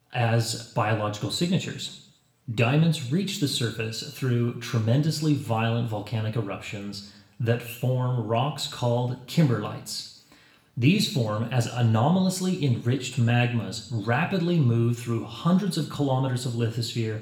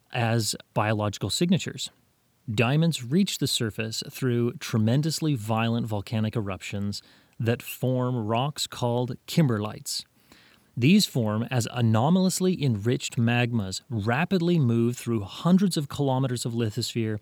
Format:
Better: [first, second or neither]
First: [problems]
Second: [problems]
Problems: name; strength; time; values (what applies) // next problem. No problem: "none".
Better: second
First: room echo; slight; dies away in 0.6 s // off-mic speech; somewhat distant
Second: none